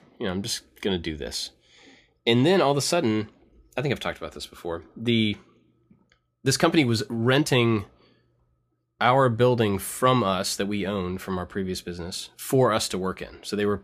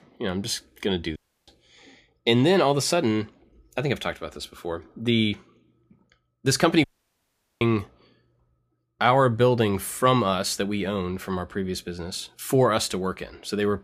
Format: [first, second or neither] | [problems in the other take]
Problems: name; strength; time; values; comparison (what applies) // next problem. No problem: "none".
first | audio cutting out; at 1 s and at 7 s for 1 s